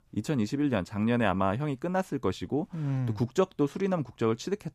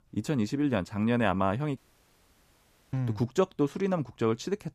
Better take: first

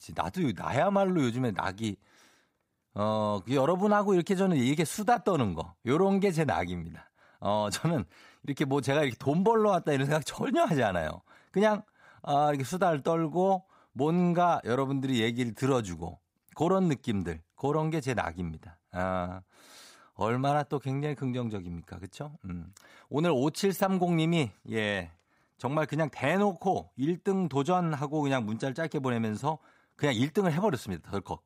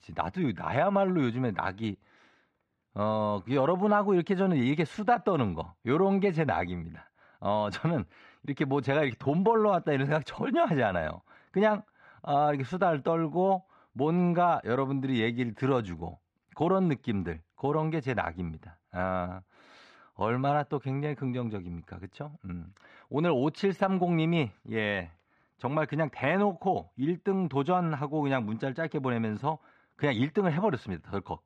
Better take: first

